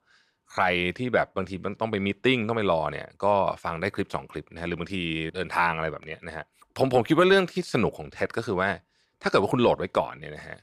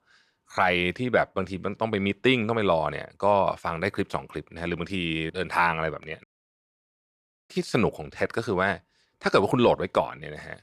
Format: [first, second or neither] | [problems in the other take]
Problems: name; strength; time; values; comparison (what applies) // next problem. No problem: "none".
first | audio cutting out; at 6 s for 1.5 s